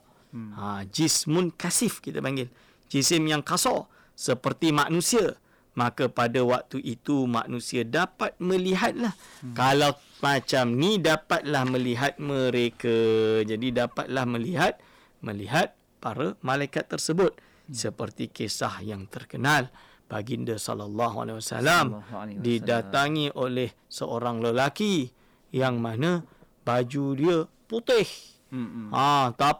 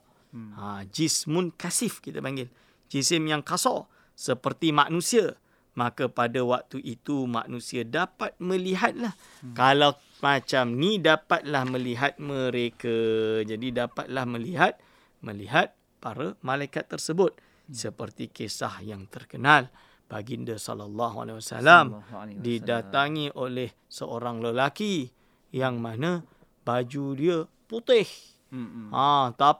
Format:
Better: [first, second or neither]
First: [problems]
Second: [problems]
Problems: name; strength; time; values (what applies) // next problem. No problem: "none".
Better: second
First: distortion; heavy; 6% of the sound clipped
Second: none